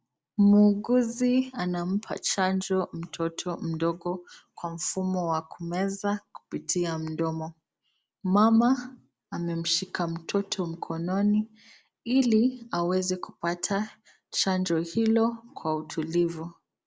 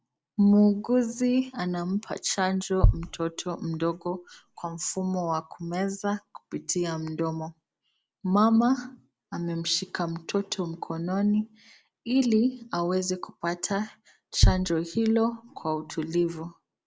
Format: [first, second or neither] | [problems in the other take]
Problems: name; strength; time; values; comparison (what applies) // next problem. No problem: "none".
first | background sound (Bass drum); 1 dB below the speech